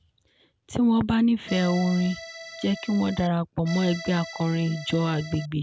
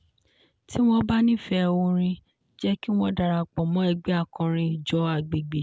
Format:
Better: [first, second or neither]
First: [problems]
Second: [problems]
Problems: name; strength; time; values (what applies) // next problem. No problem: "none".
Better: second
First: background sound (Accordion); 13 dB below the speech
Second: none